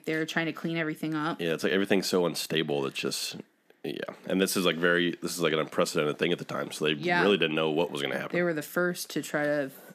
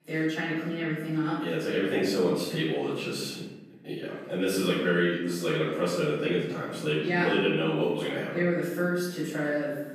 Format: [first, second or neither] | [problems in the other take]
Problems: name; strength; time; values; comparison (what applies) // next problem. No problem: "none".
first | room echo; strong; dies away in 1.1 s // off-mic speech; far